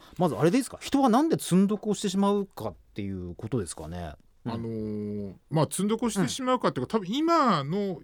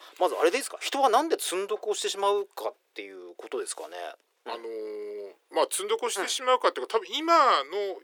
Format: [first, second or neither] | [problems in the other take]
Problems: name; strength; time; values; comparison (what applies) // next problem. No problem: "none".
first | thin; very; fading below 400 Hz